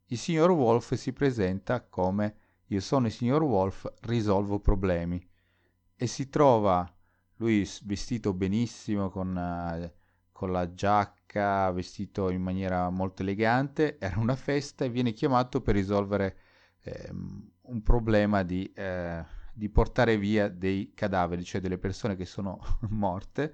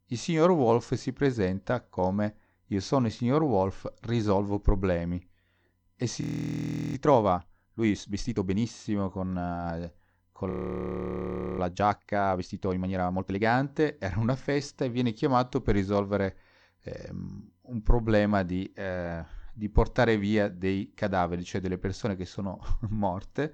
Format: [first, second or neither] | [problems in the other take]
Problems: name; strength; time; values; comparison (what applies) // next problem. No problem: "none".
first | audio freezing; at 6 s for 0.5 s and at 11 s for 1 s